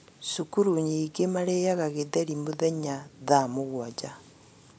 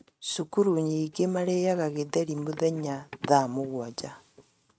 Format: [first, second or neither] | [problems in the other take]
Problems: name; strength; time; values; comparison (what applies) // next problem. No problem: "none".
first | noise reduction (neural mask model RNNoise)